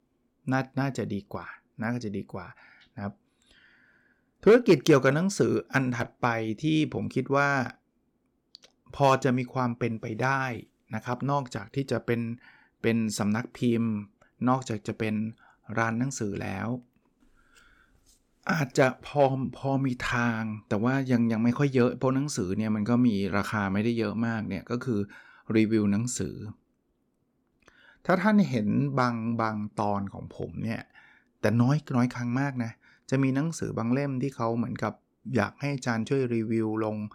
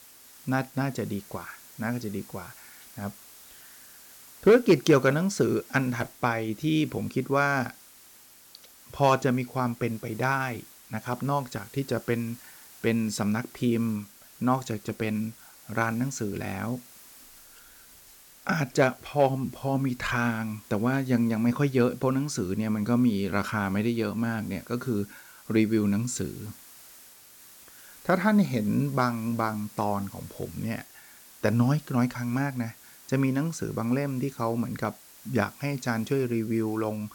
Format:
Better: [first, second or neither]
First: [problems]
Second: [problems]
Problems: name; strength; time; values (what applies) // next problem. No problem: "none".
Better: first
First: none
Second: hiss; faint; throughout; 20 dB below the speech